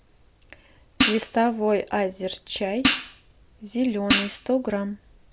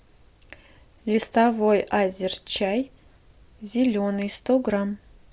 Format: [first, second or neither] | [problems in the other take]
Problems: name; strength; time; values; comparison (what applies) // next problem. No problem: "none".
second | background sound (Hi-hat); as loud as the speech